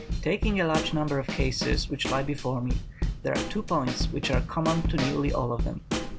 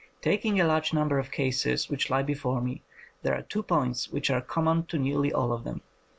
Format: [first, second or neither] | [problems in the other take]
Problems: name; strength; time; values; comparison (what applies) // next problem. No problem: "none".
second | background sound (Snare drum / Drum kit); 2 dB below the speech